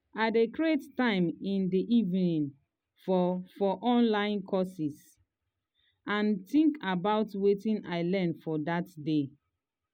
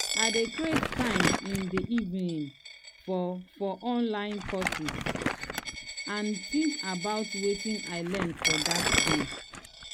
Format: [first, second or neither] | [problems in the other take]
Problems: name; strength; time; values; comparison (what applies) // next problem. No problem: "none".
first | background sound (Crumpling, crinkling + Coin (dropping)); as loud as the speech